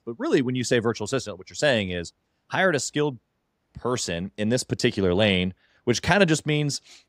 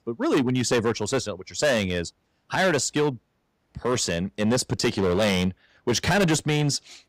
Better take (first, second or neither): first